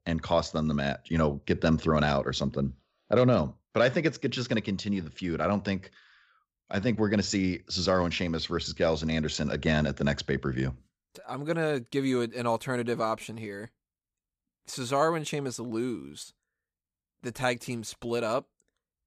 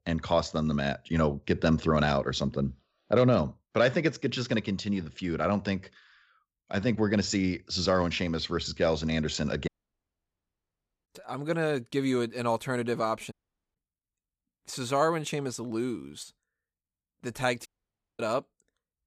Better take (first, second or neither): first